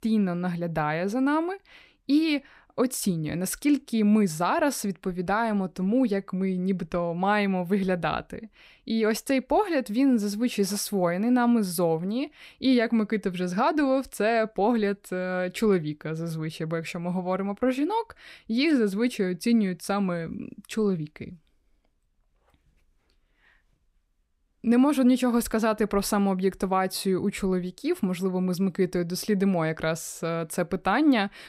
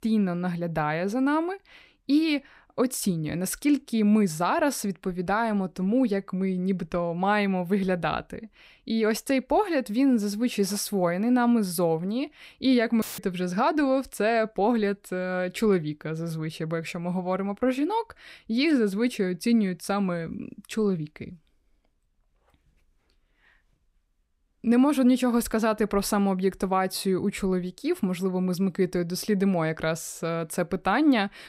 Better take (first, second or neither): first